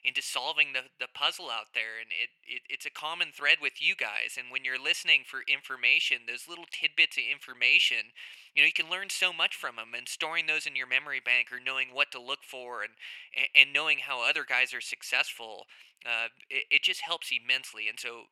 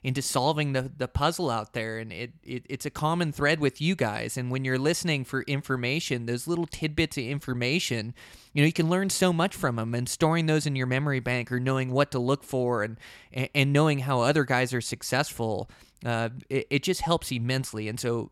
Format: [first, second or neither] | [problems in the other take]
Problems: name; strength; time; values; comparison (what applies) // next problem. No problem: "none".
second | thin; very; fading below 750 Hz